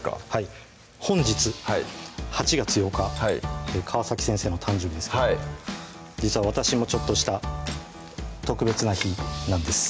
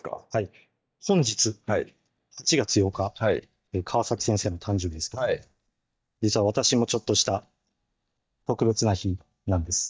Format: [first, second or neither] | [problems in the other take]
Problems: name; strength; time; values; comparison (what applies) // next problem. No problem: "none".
first | noise reduction (neural mask model DeepFilterNet 3)